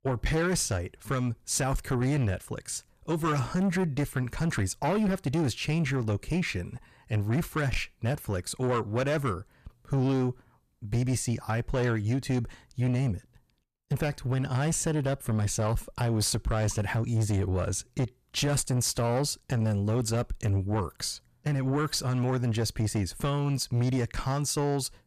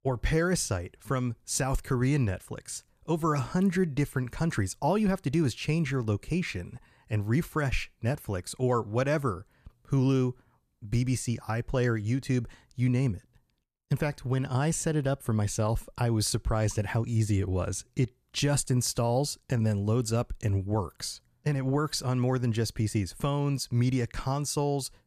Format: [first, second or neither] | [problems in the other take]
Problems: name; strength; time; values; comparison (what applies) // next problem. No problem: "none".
second | distortion; slight; 10 dB below the speech